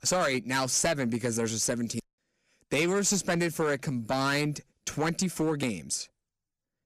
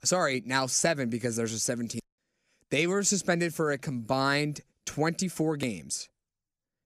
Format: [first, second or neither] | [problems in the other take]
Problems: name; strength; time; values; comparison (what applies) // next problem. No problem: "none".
second | distortion; slight; 6% of the sound clipped